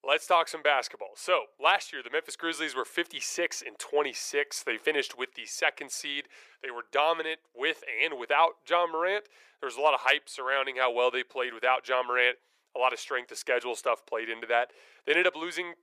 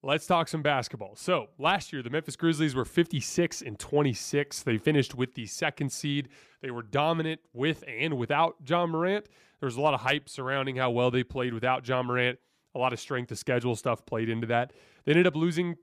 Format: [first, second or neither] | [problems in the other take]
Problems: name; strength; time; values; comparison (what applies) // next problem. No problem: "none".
second | thin; very; fading below 450 Hz